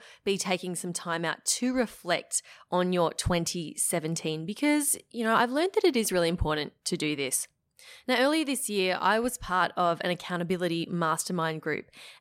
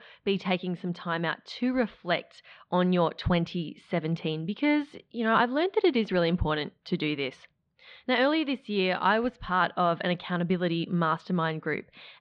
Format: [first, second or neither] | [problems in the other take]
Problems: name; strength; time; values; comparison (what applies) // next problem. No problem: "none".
first | muffled; slightly; fading above 4 kHz